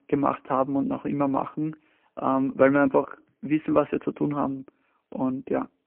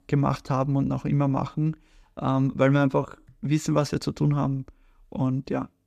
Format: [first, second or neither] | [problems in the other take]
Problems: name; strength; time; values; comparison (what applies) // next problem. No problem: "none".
second | phone-call audio; poor line